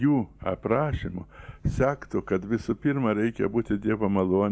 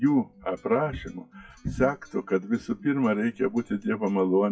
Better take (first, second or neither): first